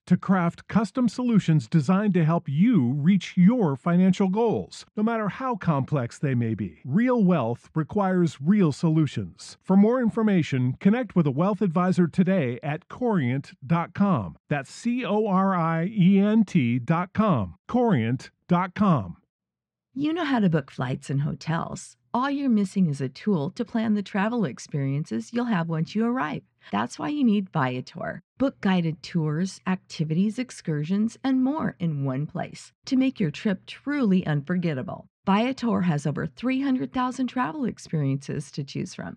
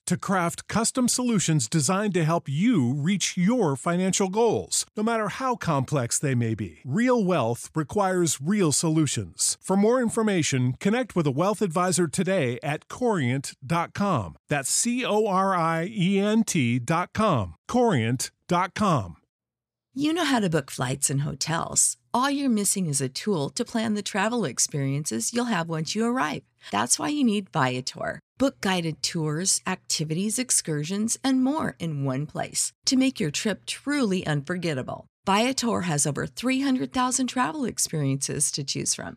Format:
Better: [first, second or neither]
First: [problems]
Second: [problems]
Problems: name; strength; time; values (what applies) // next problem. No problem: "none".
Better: second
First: muffled; slightly; fading above 2.5 kHz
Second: none